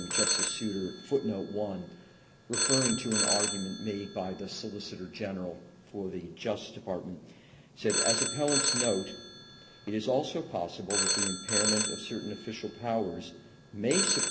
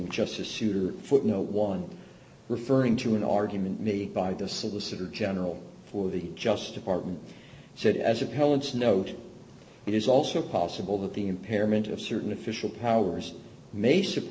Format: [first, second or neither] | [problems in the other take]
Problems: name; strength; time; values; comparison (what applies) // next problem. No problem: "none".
second | background sound (Telephone); 1 dB above the speech